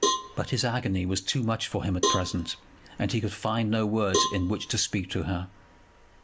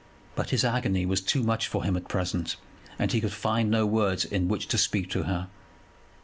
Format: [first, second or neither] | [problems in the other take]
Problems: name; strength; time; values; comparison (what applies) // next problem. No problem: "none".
second | background sound (Cowbell); 5 dB below the speech